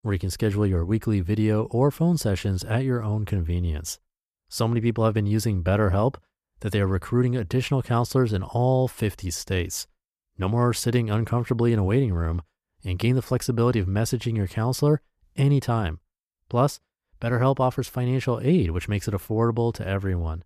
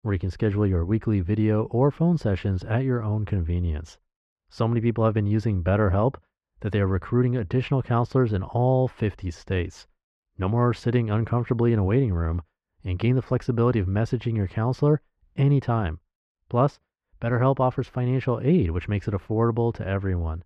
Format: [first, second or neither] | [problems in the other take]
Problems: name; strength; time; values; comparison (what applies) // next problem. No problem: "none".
first | muffled; slightly; fading above 2.5 kHz